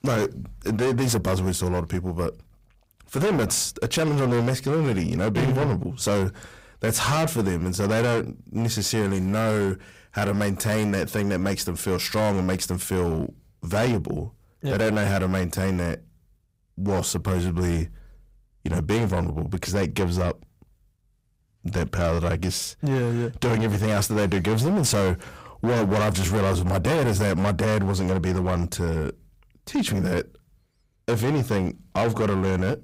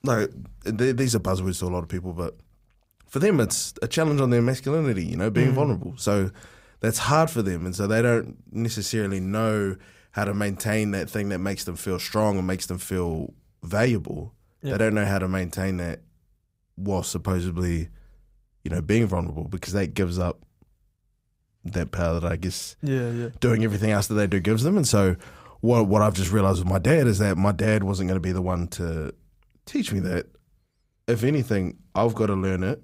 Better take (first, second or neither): second